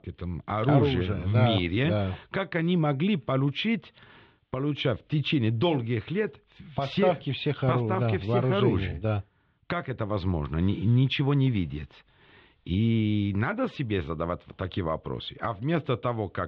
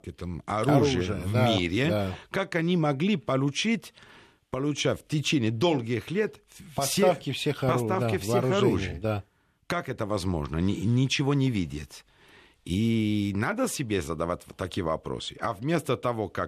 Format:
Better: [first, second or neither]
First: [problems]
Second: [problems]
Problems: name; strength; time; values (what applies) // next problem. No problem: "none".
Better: second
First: muffled; very; fading above 3.5 kHz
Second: none